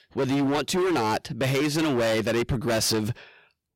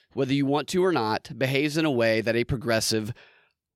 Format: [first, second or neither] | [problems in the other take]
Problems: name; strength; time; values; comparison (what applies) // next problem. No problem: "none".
second | distortion; heavy; 26% of the sound clipped